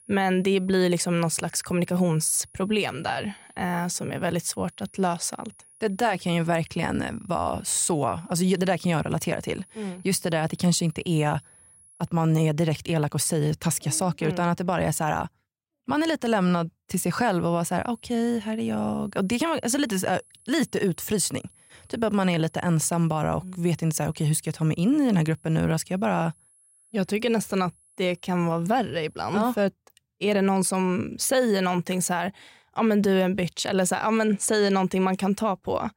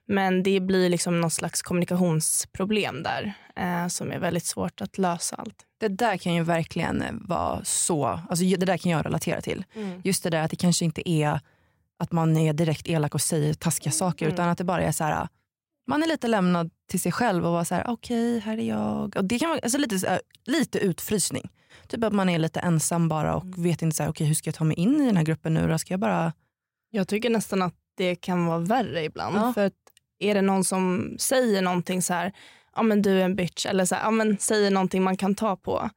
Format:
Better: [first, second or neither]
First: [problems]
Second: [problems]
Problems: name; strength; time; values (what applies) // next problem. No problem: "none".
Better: second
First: high-pitched whine; faint; until 12 s and from 17 to 30 s; 10.5 kHz, 30 dB below the speech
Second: none